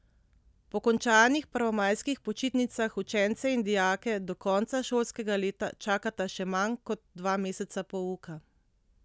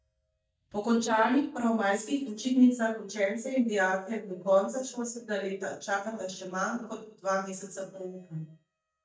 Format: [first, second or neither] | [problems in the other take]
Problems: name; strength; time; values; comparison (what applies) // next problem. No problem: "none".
first | noise reduction (neural mask model DeepFilterNet 3)